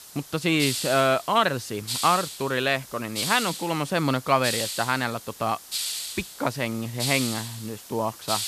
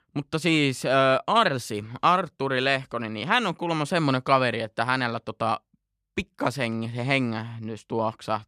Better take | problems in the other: second | hiss; loud; throughout; 5 dB below the speech

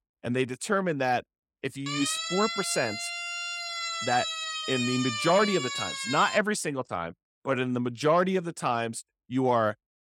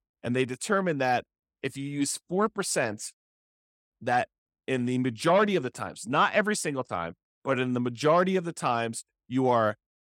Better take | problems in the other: second | siren; noticeable; from 2 to 6.5 s; peak 2 dB below the speech

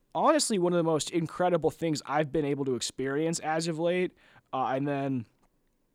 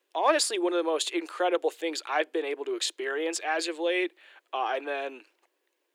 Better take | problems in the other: first | thin; very; fading below 350 Hz

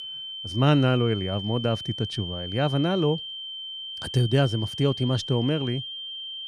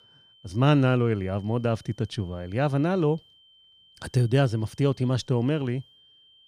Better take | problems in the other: second | high-pitched whine; loud; throughout; 3 kHz, 8 dB below the speech; faint in the second

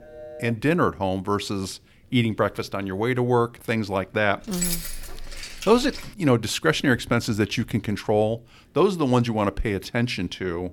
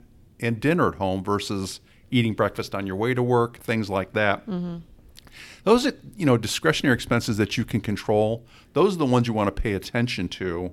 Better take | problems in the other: second | phone ringing; faint; at the start; peak 15 dB below the speech // jangling keys; noticeable; from 4.5 to 6 s; peak 2 dB below the speech

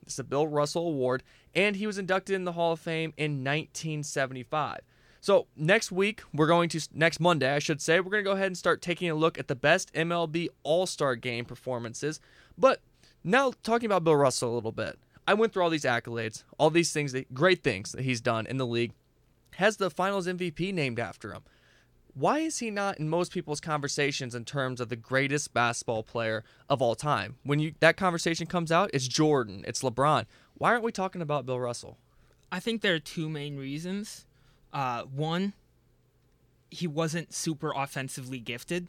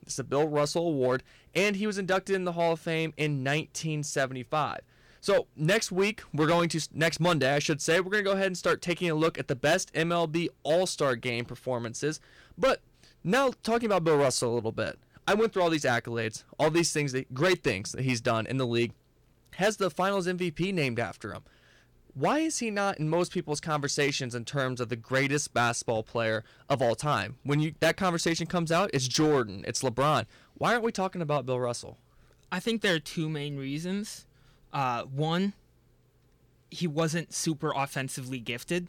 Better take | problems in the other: first | distortion; slight; 4% of the sound clipped

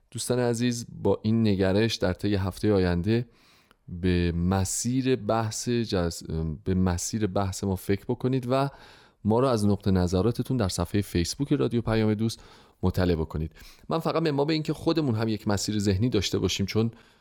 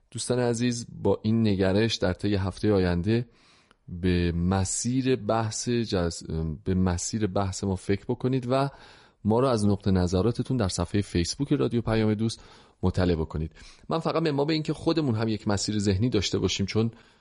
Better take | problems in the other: first | garbled, watery; slightly; nothing above 10.5 kHz

